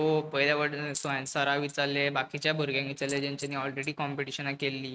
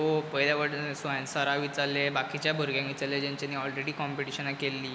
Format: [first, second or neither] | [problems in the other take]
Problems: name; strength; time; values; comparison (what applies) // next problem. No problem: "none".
second | noise reduction (neural mask model RNNoise)